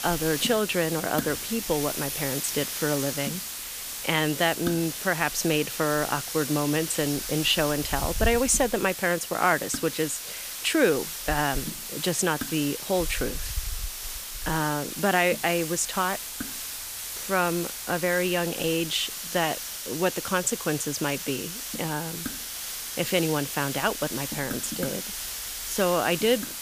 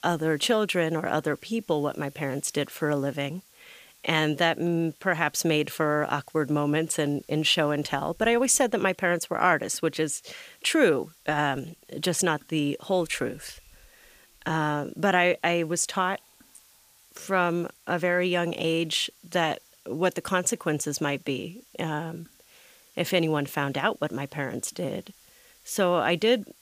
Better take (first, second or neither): second